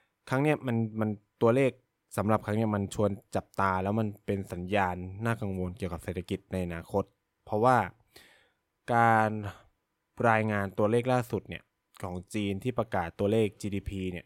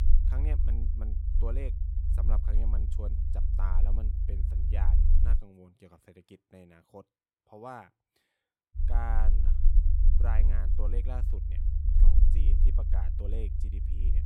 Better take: first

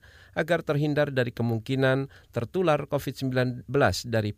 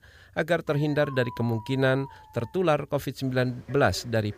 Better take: first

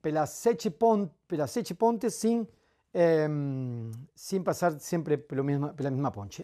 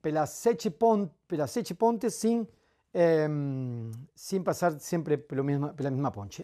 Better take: neither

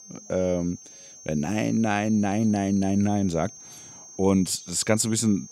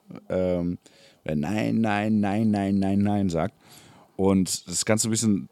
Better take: second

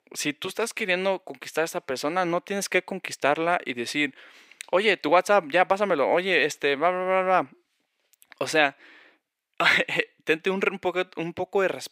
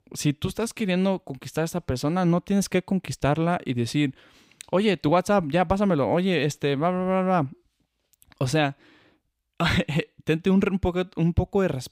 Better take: second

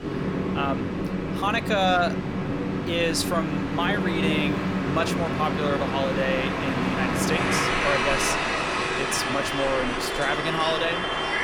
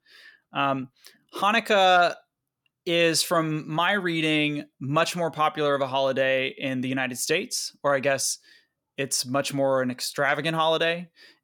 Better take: second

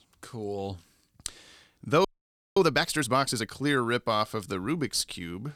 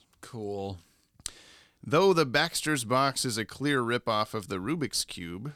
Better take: second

